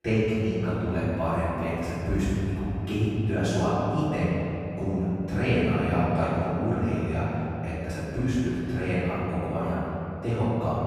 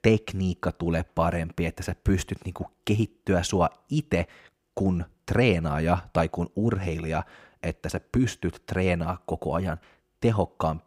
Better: second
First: off-mic speech; far // room echo; strong; dies away in 3 s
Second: none

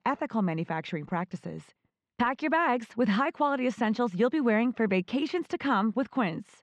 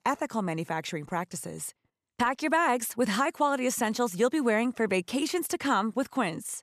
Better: second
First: muffled; slightly; fading above 3.5 kHz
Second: none

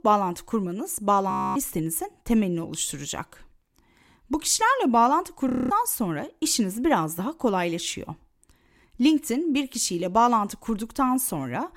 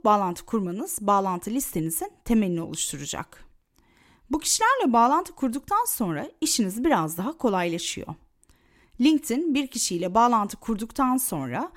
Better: second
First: audio freezing; at 1.5 s and at 5.5 s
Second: none

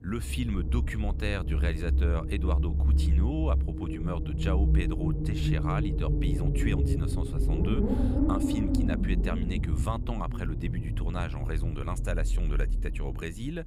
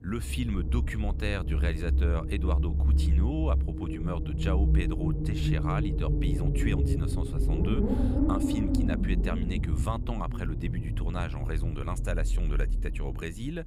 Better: neither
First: low rumble; loud; throughout; 1 dB below the speech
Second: low rumble; loud; throughout; 1 dB below the speech

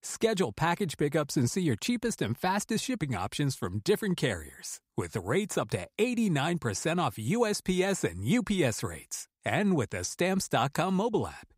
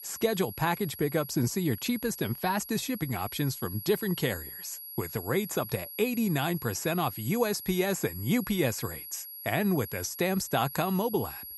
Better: first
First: none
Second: high-pitched whine; noticeable; throughout; 11.5 kHz, 10 dB below the speech

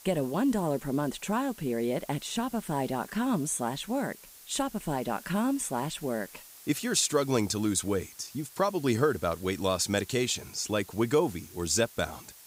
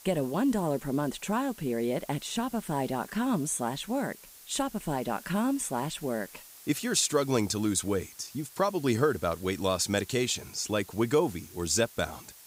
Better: neither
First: hiss; noticeable; throughout; 20 dB below the speech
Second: hiss; noticeable; throughout; 20 dB below the speech

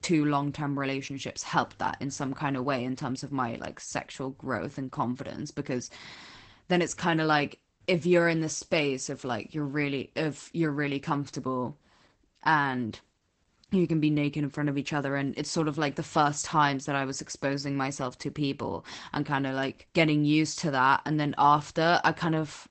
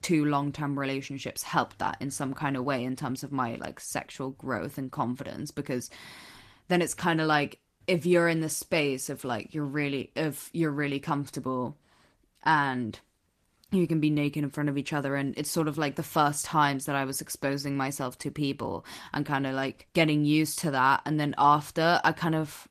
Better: second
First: garbled, watery; badly; nothing above 8 kHz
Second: garbled, watery; slightly; nothing above 14 kHz

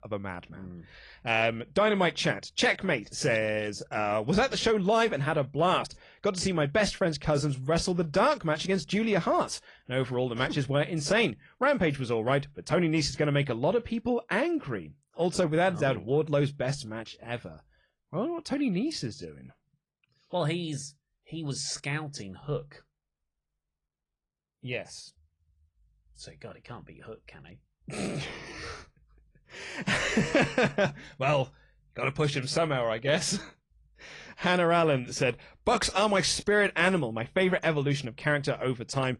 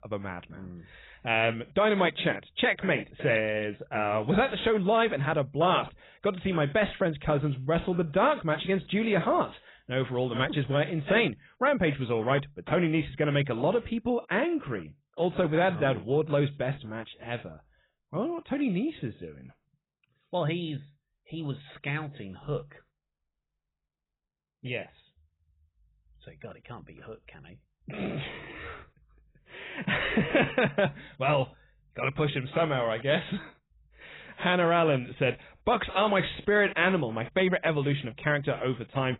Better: first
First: garbled, watery; slightly; nothing above 10 kHz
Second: garbled, watery; badly; nothing above 4 kHz

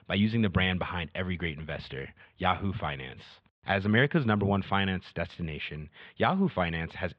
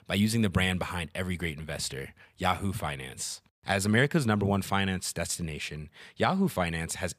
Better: second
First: muffled; very; fading above 3.5 kHz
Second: none

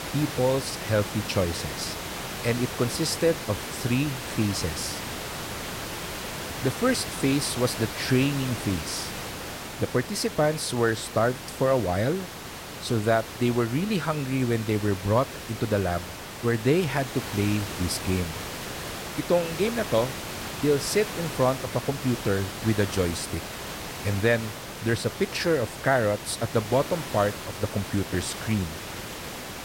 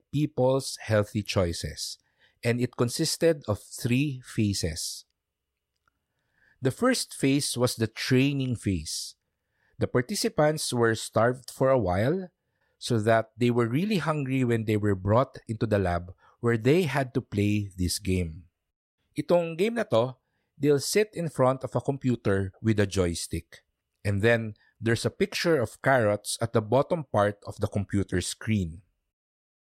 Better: second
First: hiss; loud; throughout; 7 dB below the speech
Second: none

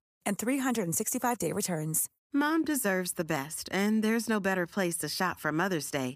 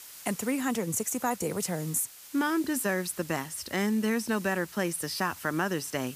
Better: first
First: none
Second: hiss; noticeable; throughout; 15 dB below the speech

